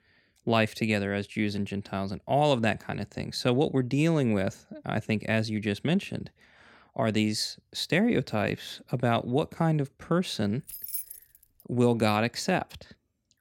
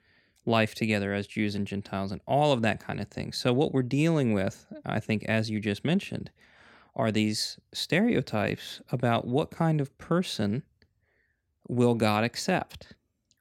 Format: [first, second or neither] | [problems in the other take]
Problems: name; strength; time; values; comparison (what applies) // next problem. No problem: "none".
second | jangling keys; noticeable; at 11 s; peak 5 dB below the speech